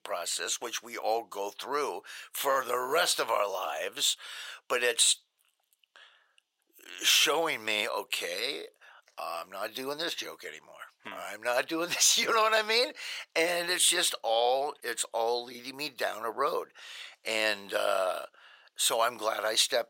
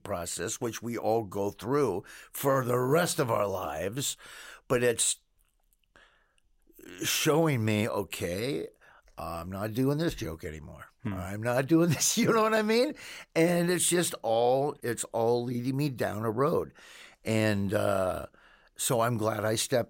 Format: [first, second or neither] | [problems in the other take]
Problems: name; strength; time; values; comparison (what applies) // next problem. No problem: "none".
second | thin; very; fading below 700 Hz